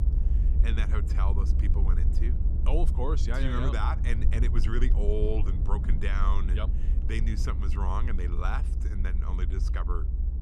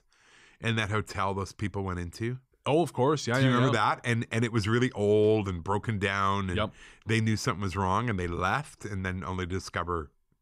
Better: second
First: low rumble; loud; throughout; 9 dB below the speech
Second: none

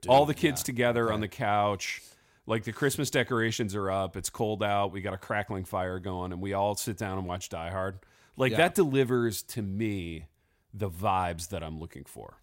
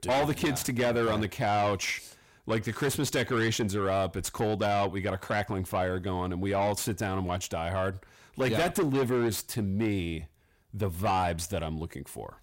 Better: first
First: none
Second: distortion; heavy; 6 dB below the speech

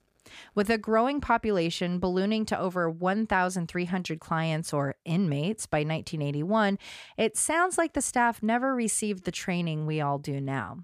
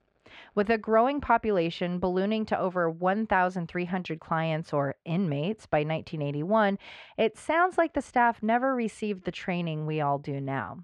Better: first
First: none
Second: muffled; very; fading above 3 kHz

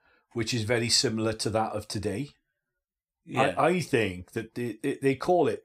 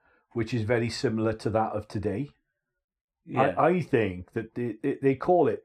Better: first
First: none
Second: muffled; slightly; fading above 3 kHz

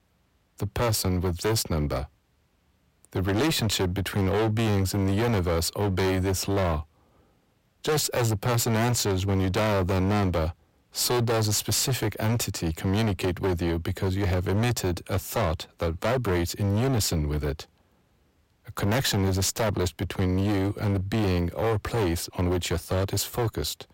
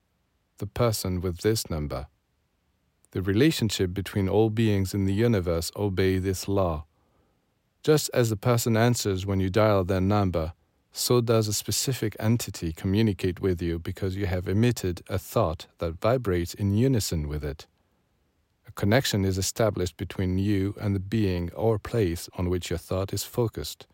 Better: second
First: distortion; heavy; 23% of the sound clipped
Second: none

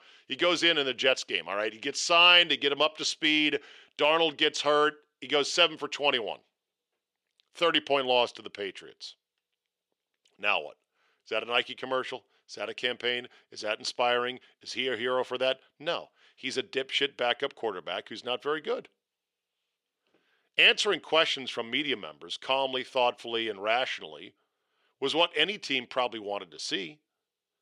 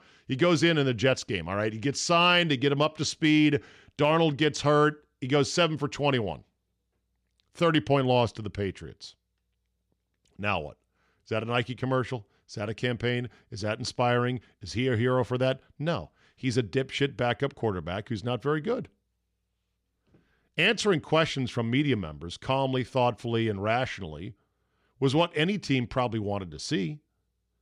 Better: second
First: thin; somewhat; fading below 500 Hz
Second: none

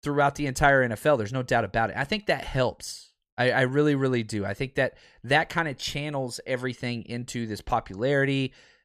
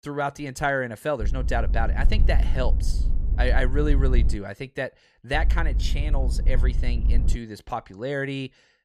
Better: first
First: none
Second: low rumble; noticeable; from 1 to 4.5 s and from 5.5 to 7.5 s; 15 dB below the speech

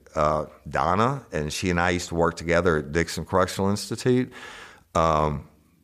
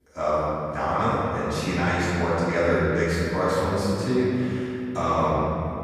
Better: first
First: none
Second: off-mic speech; far // room echo; strong; dies away in 3 s

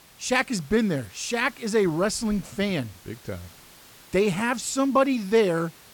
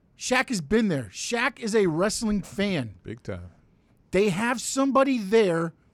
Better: second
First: hiss; faint; throughout; 25 dB below the speech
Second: none

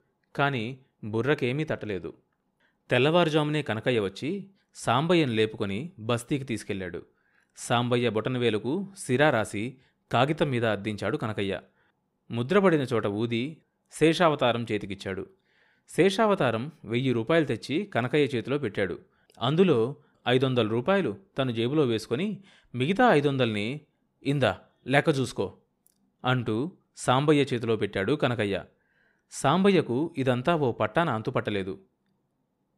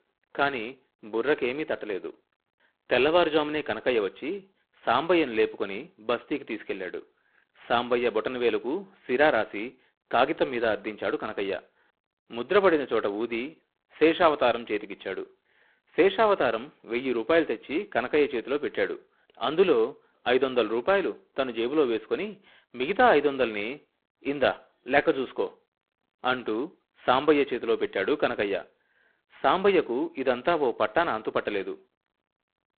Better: first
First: none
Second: phone-call audio; poor line; nothing above 3.5 kHz

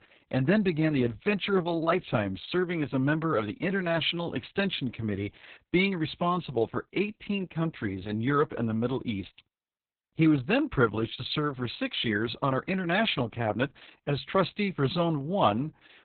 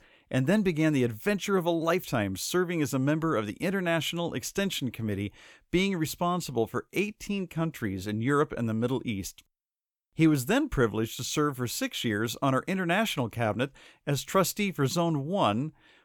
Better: second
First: garbled, watery; badly; nothing above 4 kHz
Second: none

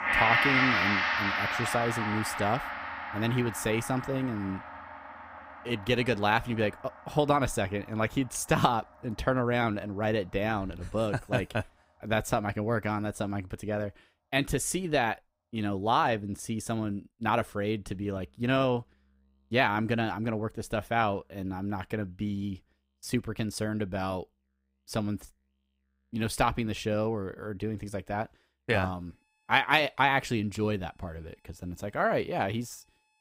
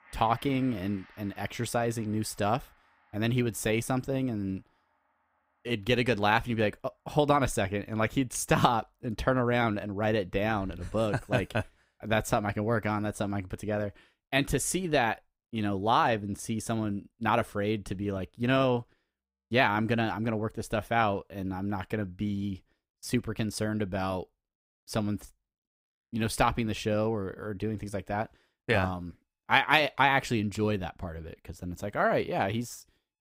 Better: second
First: background music; loud; throughout; as loud as the speech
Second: background music; faint; throughout; 30 dB below the speech

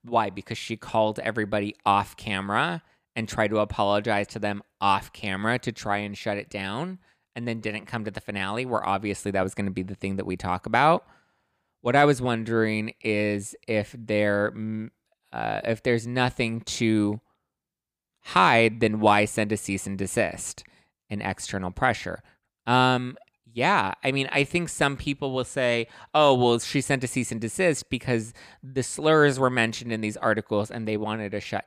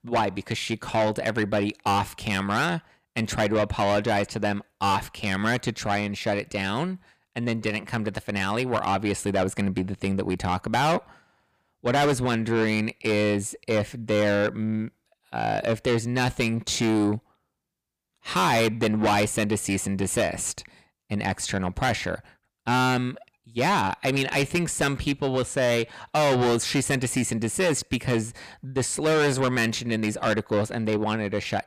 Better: first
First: none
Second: distortion; heavy; 6 dB below the speech

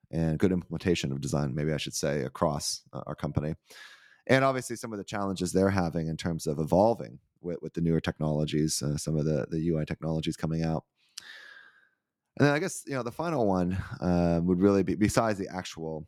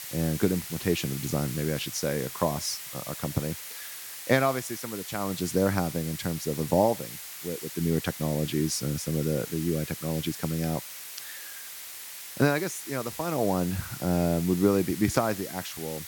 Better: first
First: none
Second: hiss; loud; throughout; 9 dB below the speech

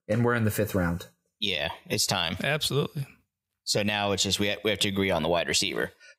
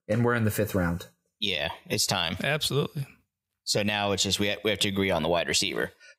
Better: neither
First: none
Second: none

